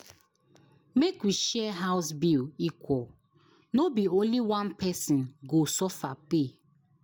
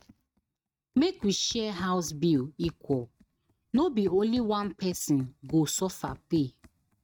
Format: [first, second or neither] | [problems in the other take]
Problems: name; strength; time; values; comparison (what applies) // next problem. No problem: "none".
first | noise reduction (neural mask model RNNoise)